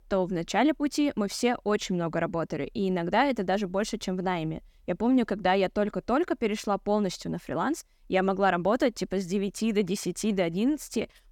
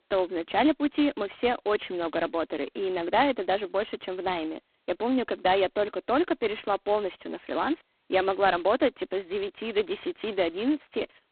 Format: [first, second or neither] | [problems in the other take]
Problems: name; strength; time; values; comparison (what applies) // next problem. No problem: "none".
first | phone-call audio; poor line; nothing above 4 kHz